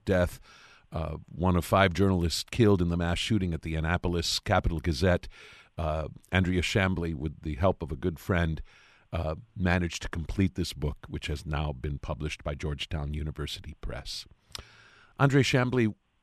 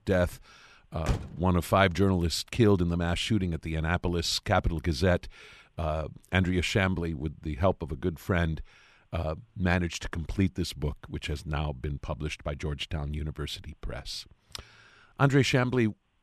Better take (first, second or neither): first